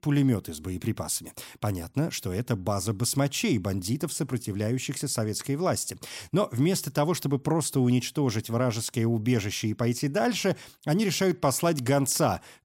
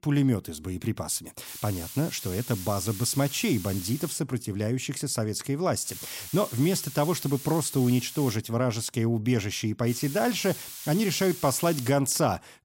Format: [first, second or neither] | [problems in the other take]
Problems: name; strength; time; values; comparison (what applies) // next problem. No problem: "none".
first | hiss; noticeable; from 1.5 to 4 s, from 6 to 8.5 s and from 10 to 12 s; 10 dB below the speech